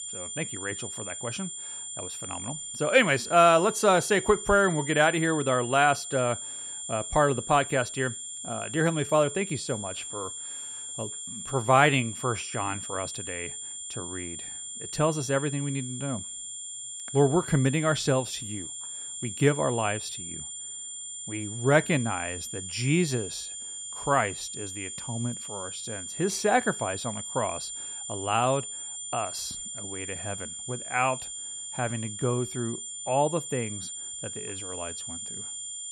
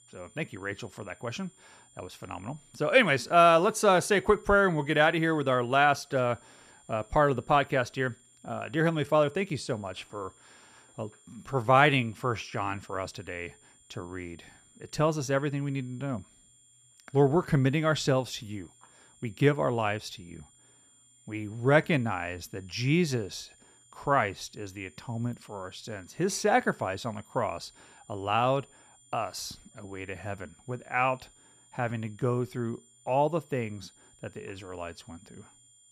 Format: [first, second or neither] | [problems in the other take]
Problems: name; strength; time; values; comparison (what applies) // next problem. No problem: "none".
second | high-pitched whine; loud; throughout; 7 kHz, 8 dB below the speech; faint in the second